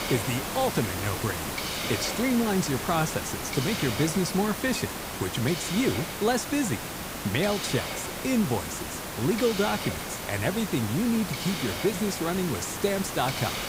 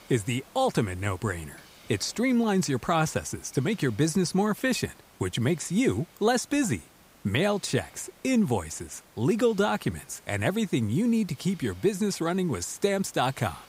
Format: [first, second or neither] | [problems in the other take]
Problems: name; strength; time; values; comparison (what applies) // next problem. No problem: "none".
second | hiss; loud; throughout; 4 dB below the speech; faint in the second